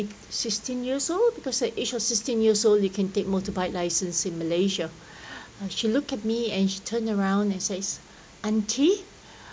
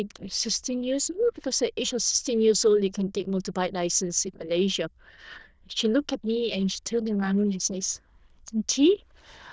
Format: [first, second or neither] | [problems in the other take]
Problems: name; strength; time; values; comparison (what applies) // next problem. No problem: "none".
first | noise reduction (neural diffusion model UNIVERSE++)